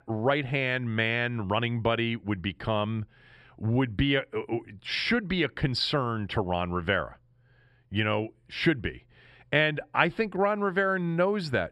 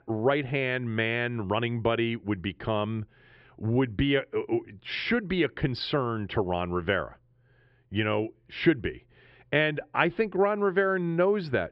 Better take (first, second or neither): first